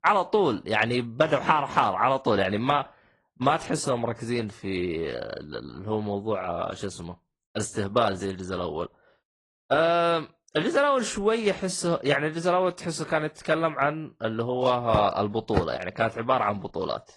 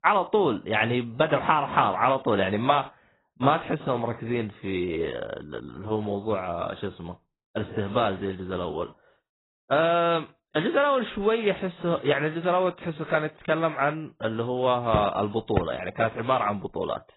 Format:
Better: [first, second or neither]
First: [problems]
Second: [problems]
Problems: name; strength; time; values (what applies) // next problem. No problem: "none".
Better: first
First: garbled, watery; slightly; nothing above 10 kHz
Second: garbled, watery; badly; nothing above 4 kHz